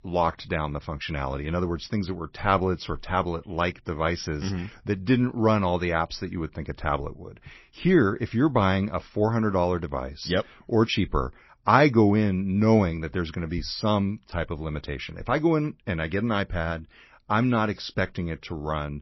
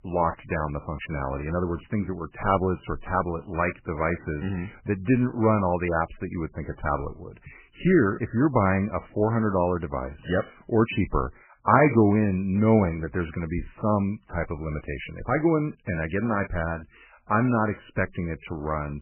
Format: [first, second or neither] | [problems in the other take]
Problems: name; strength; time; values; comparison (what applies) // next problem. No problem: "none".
first | garbled, watery; badly; nothing above 2.5 kHz; slightly in the first